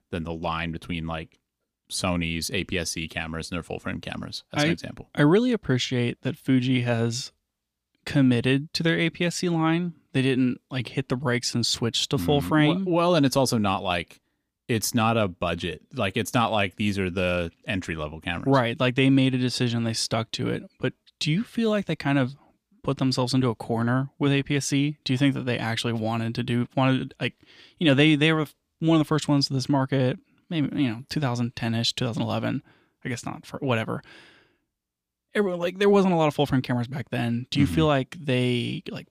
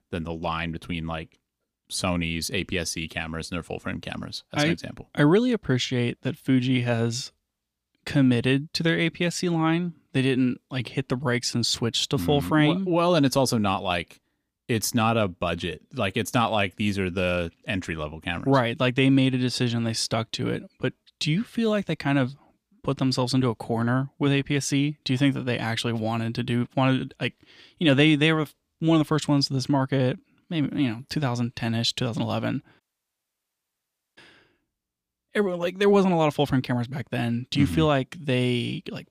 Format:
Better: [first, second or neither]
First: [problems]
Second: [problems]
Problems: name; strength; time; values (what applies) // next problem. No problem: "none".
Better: first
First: none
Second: audio cutting out; at 33 s for 1.5 s